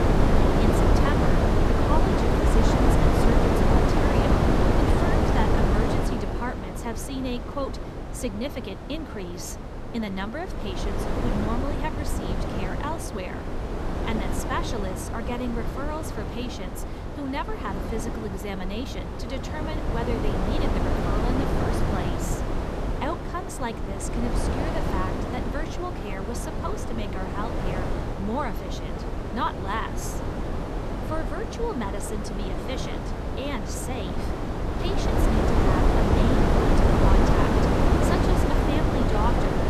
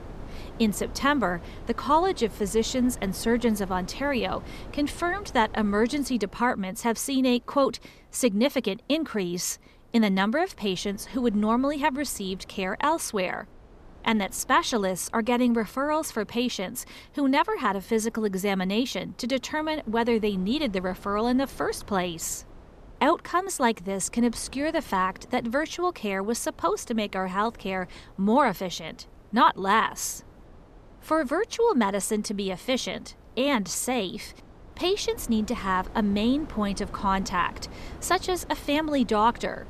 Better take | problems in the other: second | wind noise on the microphone; heavy; 4 dB above the speech; occasional gusts in the second

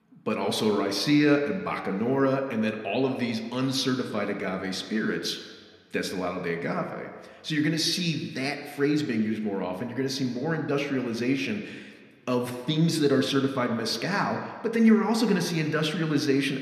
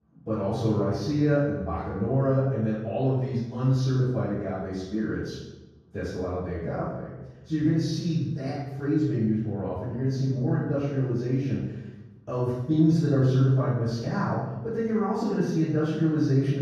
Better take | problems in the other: first | room echo; strong; dies away in 1.3 s; slight in the first // off-mic speech; far

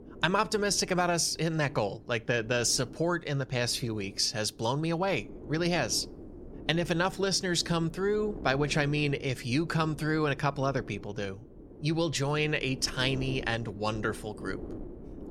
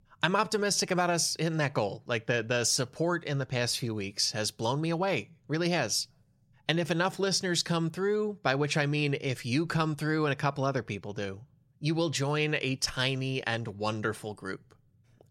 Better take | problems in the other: second | wind noise on the microphone; occasional gusts; 20 dB below the speech

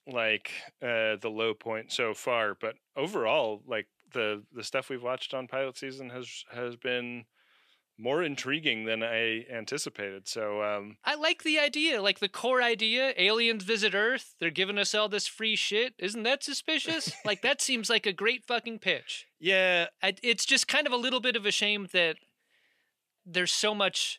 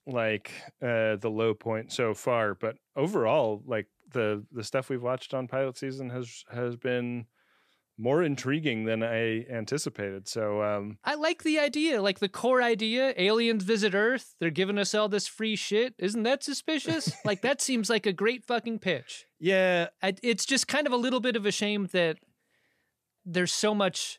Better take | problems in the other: second | thin; very slightly; fading below 400 Hz

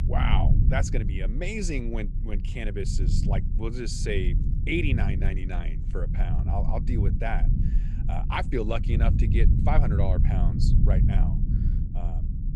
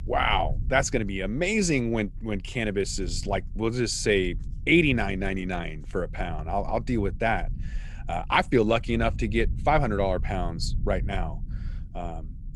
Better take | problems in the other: second | low rumble; loud; throughout; 7 dB below the speech; faint in the second

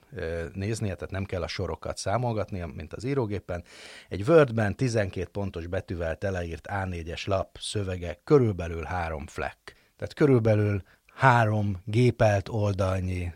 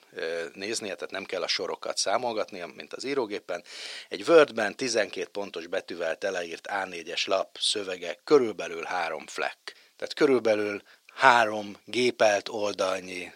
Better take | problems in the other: first | thin; somewhat; fading below 300 Hz

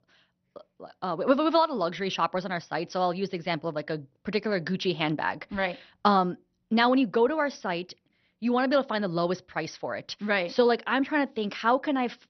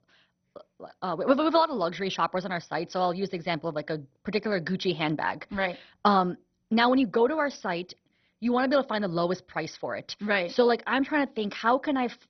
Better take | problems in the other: first | garbled, watery; badly; nothing above 6 kHz; slightly in the first

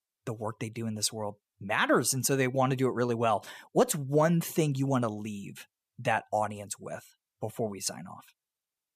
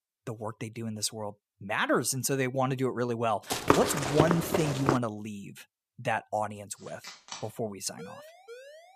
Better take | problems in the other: first | footsteps; loud; from 3.5 to 5 s; peak 5 dB above the speech // phone ringing; faint; at 7 s; peak 10 dB below the speech // siren; faint; at 8 s; peak 15 dB below the speech

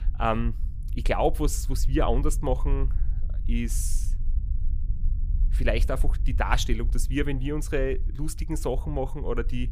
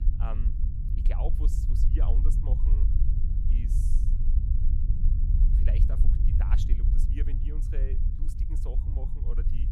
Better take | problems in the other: first | low rumble; loud; throughout; 1 dB below the speech; faint in the first

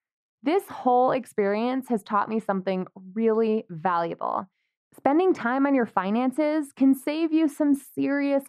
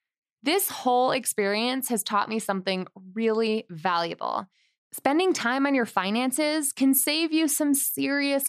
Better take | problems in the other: second | muffled; very; fading above 2.5 kHz

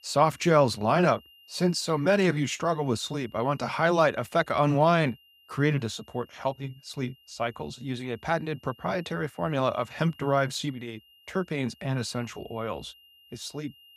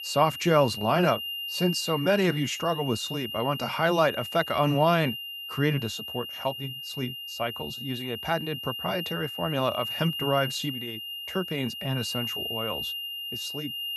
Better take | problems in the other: first | high-pitched whine; loud; throughout; 3 kHz, 6 dB below the speech; faint in the first

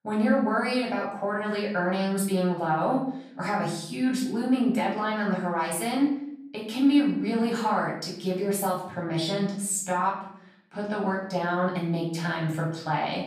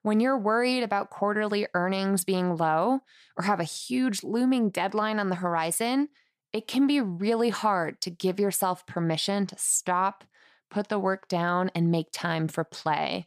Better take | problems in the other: second | off-mic speech; far // room echo; noticeable; dies away in 0.7 s

